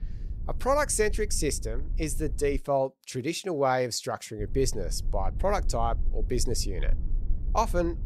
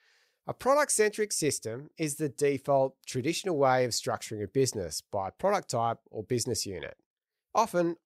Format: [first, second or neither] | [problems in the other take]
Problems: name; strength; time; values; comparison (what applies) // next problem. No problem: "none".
second | low rumble; faint; until 2.5 s and from 4.5 s on; 25 dB below the speech